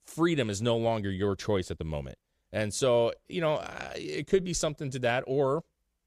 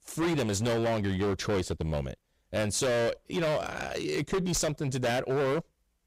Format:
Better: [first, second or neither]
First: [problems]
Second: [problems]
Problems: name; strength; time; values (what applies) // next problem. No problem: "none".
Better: first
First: none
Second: distortion; heavy; 21% of the sound clipped